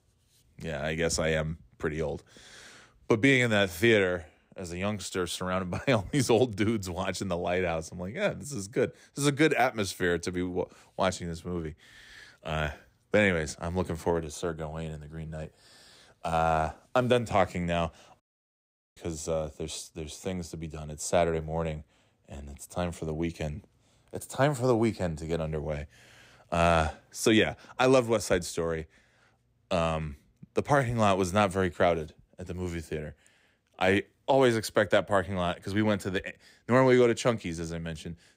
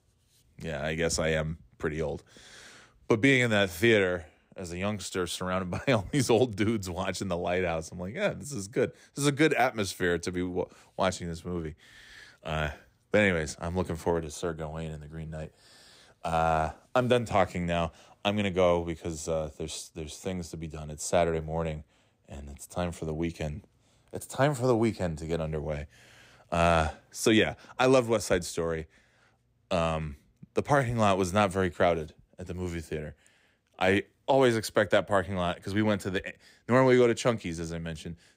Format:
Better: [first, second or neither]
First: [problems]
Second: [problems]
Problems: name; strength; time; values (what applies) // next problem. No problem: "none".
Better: second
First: audio cutting out; at 18 s for 1 s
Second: none